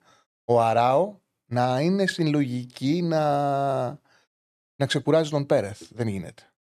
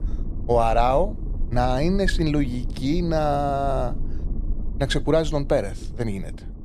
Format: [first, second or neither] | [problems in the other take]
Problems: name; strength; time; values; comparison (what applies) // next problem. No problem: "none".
first | low rumble; faint; throughout; 20 dB below the speech